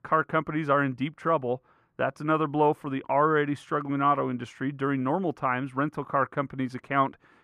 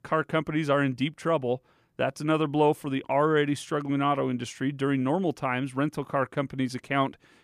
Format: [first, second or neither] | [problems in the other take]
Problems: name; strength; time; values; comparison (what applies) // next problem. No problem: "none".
second | muffled; slightly; fading above 3 kHz